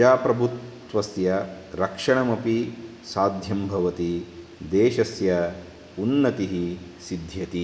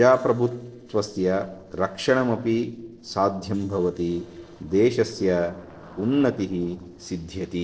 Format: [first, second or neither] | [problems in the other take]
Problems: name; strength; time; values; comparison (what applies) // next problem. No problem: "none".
first | noise reduction (neural separator model SepFormer DNS4)